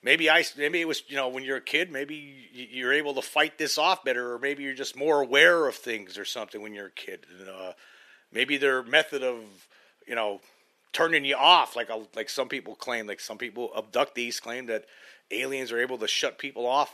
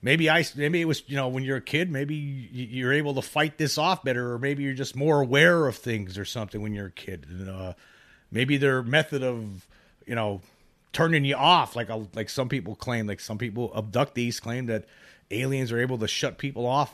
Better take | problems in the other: second | thin; somewhat; fading below 350 Hz

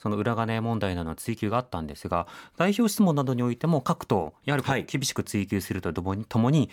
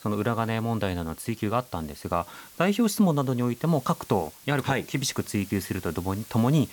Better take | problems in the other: first | hiss; noticeable; throughout; 20 dB below the speech

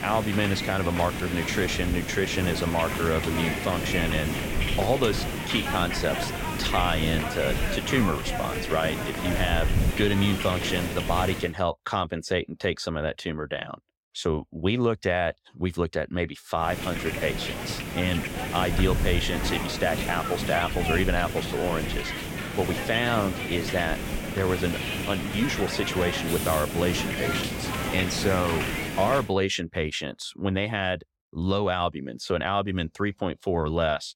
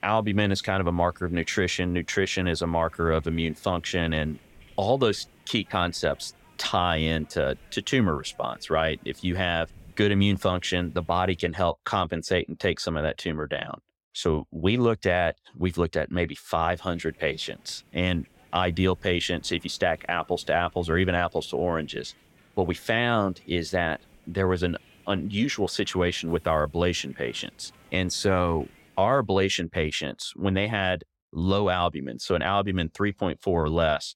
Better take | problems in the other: second | hiss; loud; until 11 s and from 17 to 29 s; 2 dB below the speech; faint in the second

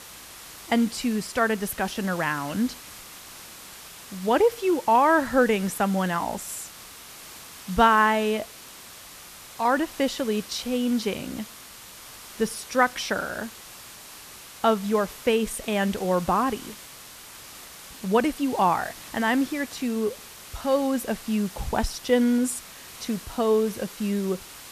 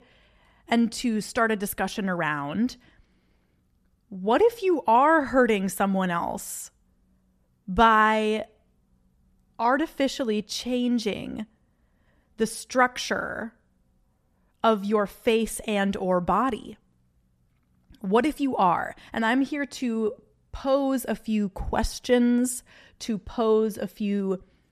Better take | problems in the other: second | hiss; noticeable; throughout; 15 dB below the speech

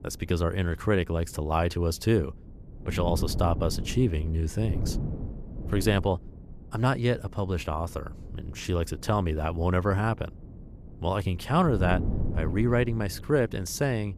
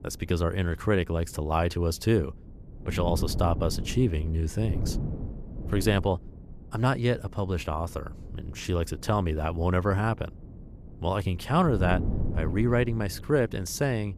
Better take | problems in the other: neither | wind noise on the microphone; occasional gusts; 15 dB below the speech; the same in both

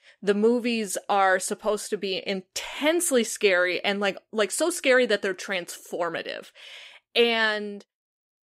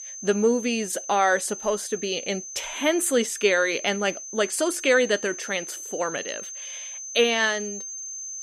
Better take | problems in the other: first | high-pitched whine; noticeable; throughout; 6.5 kHz, 10 dB below the speech

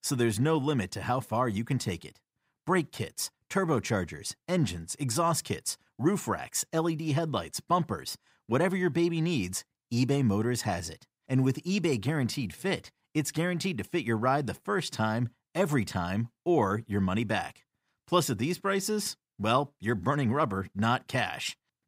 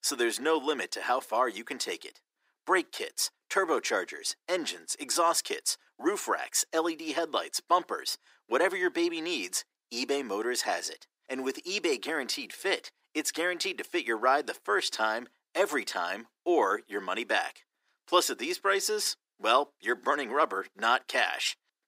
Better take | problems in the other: first | thin; very; fading below 350 Hz

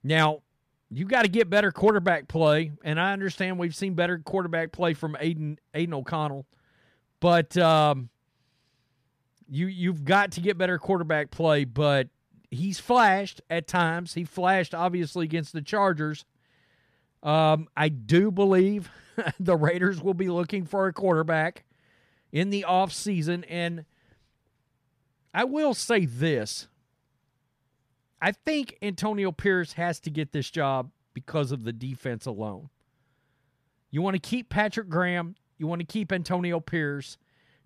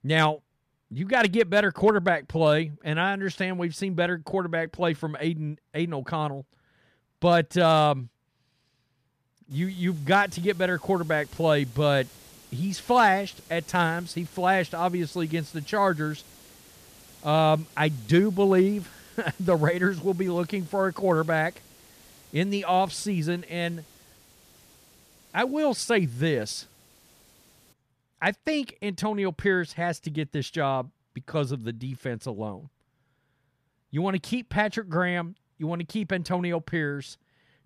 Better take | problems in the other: first | hiss; faint; from 9.5 to 28 s; 25 dB below the speech

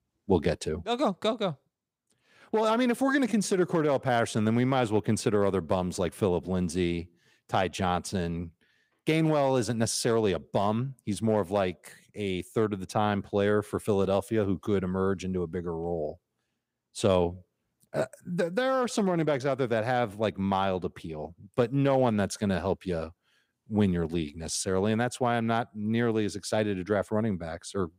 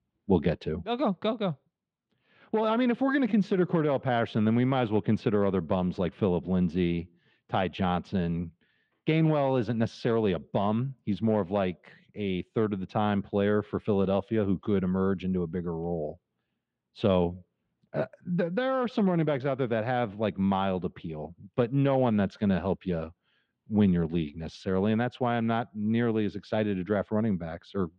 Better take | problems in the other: first | muffled; slightly; fading above 3.5 kHz

